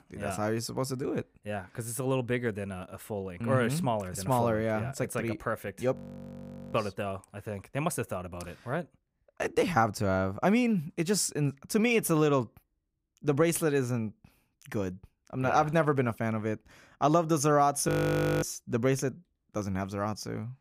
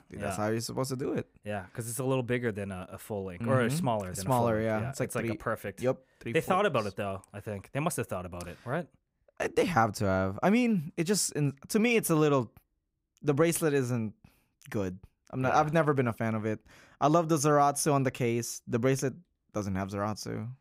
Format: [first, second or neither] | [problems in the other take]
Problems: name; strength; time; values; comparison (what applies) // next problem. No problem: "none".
second | audio freezing; at 6 s for 1 s and at 18 s for 0.5 s